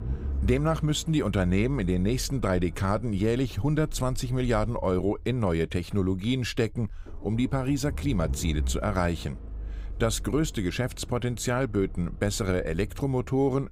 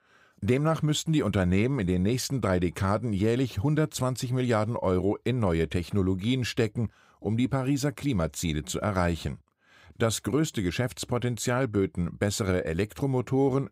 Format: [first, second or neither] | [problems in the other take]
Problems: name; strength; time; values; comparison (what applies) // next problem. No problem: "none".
second | low rumble; faint; throughout; 20 dB below the speech